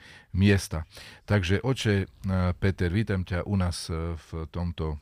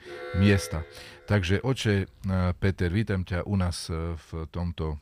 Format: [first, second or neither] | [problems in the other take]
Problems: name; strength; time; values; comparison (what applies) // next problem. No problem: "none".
first | alarm; noticeable; until 1.5 s; peak 8 dB below the speech